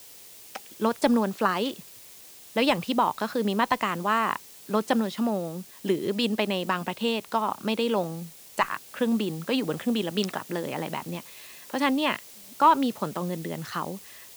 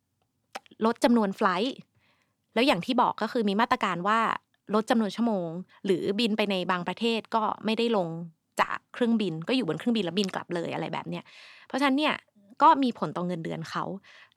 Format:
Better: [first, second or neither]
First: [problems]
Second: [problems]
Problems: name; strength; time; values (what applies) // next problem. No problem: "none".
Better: second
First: hiss; noticeable; throughout; 20 dB below the speech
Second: none